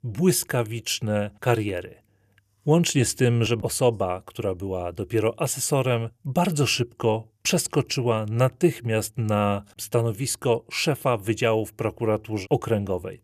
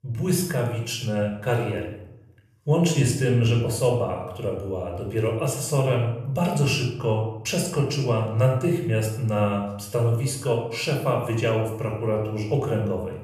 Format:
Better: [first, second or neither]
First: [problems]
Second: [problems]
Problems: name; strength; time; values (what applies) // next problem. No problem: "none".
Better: first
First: none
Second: off-mic speech; somewhat distant // room echo; noticeable; dies away in 0.7 s